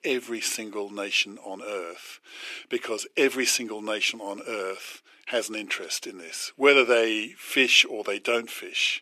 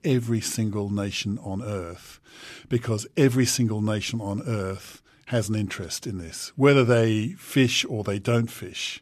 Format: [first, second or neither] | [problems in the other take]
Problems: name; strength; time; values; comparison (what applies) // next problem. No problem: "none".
second | thin; somewhat; fading below 350 Hz